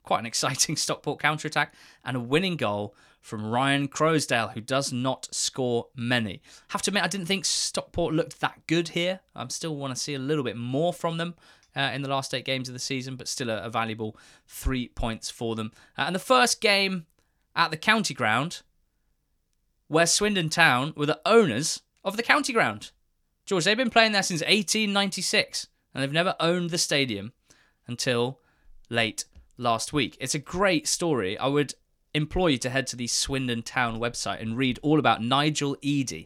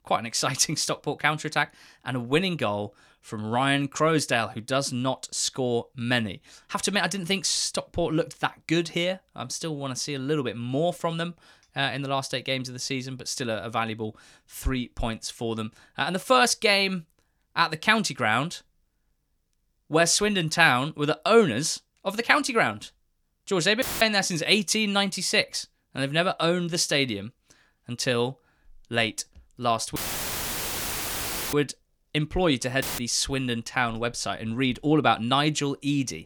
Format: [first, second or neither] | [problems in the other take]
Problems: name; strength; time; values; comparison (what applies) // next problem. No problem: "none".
first | audio cutting out; filled with static; at 24 s, at 30 s for 1.5 s and at 33 s